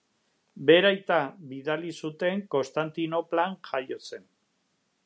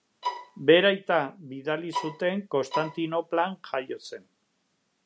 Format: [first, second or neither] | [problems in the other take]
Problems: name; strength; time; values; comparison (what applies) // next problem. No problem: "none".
first | background sound (Bowed string instrument); 7 dB below the speech